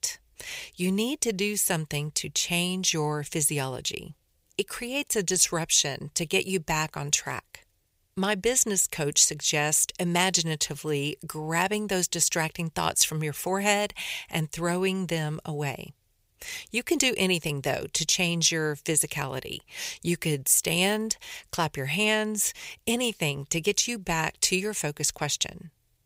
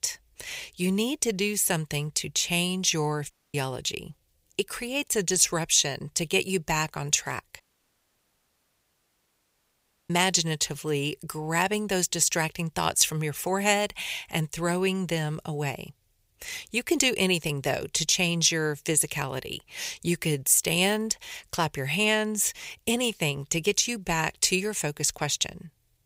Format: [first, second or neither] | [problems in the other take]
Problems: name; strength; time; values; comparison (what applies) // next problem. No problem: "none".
first | audio cutting out; at 3.5 s and at 7.5 s for 2.5 s